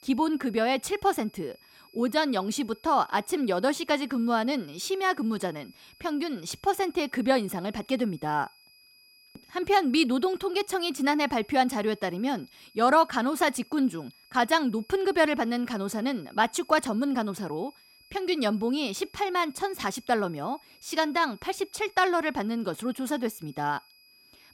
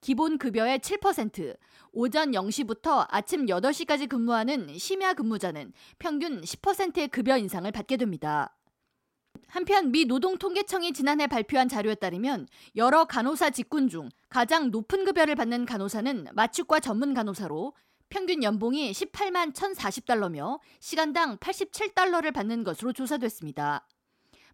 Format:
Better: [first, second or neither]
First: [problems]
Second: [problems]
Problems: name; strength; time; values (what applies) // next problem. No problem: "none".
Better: second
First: high-pitched whine; faint; throughout; 5 kHz, 30 dB below the speech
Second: none